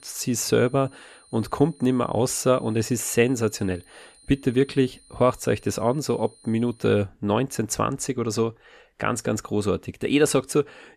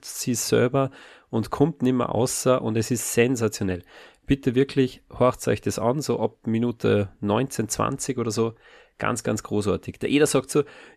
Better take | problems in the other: second | high-pitched whine; faint; until 7 s; 9.5 kHz, 30 dB below the speech

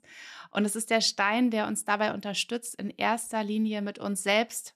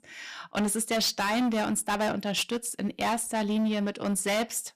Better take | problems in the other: first | distortion; heavy; 18% of the sound clipped

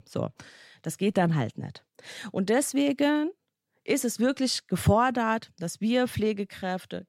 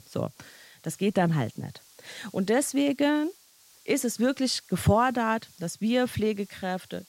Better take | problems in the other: first | hiss; faint; throughout; 25 dB below the speech

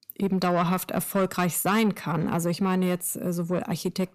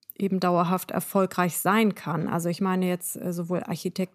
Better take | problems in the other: second | distortion; slight; 10 dB below the speech

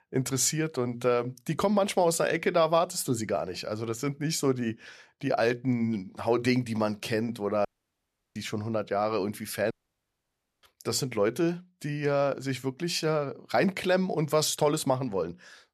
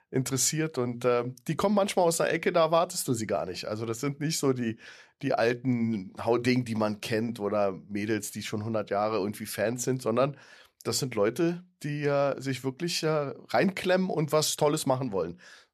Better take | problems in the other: second | audio cutting out; at 7.5 s for 0.5 s and at 9.5 s for 1 s

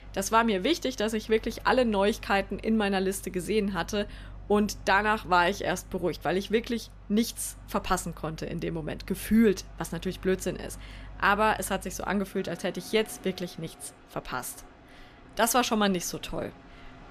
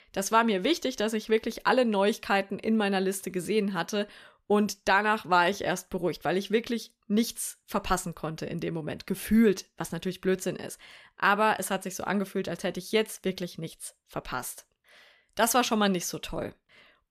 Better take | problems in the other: second | train or aircraft noise; faint; throughout; 20 dB below the speech

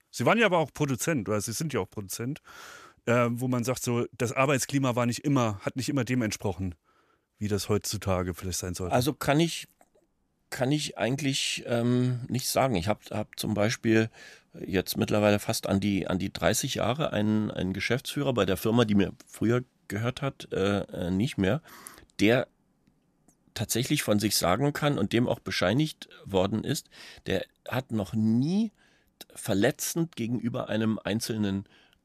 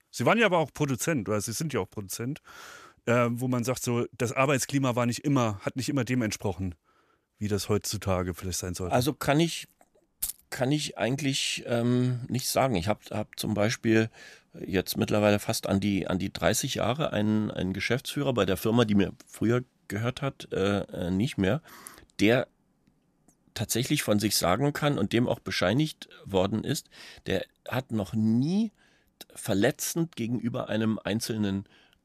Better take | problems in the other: first | jangling keys; noticeable; at 10 s; peak 6 dB below the speech

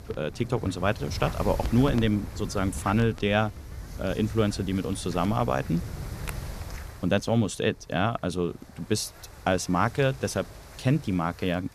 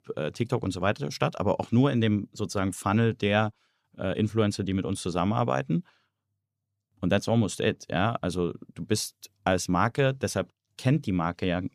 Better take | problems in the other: second | wind noise on the microphone; occasional gusts; 15 dB below the speech

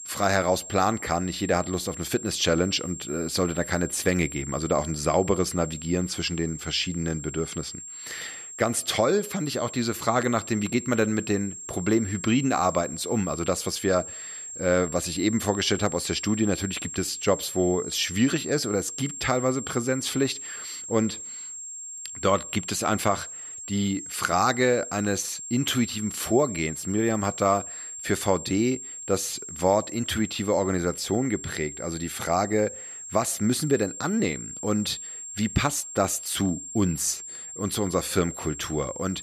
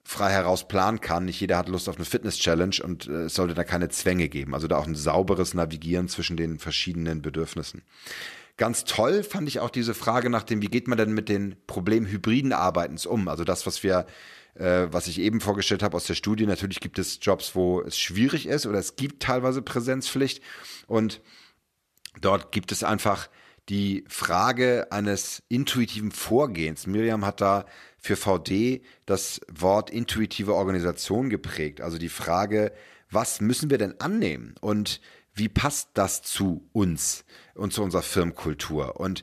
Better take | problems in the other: second | high-pitched whine; loud; throughout; 7.5 kHz, 9 dB below the speech

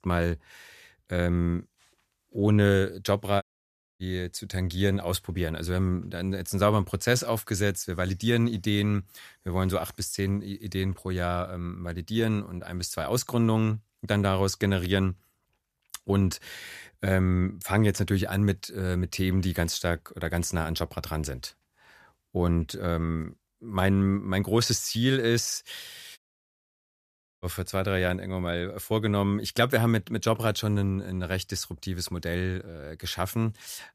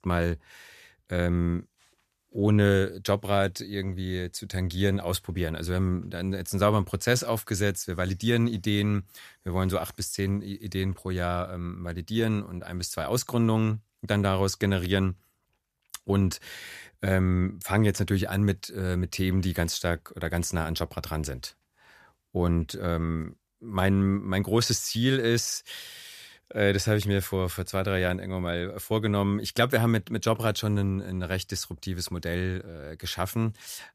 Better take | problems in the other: second | audio cutting out; at 3.5 s for 0.5 s and at 26 s for 1 s

